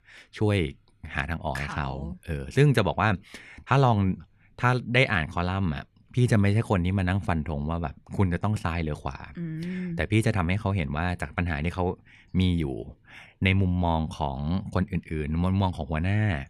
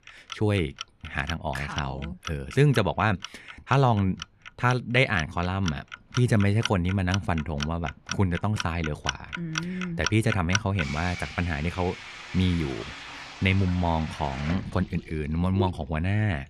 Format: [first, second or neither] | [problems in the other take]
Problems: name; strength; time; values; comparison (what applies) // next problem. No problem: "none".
first | household noises; noticeable; throughout; 10 dB below the speech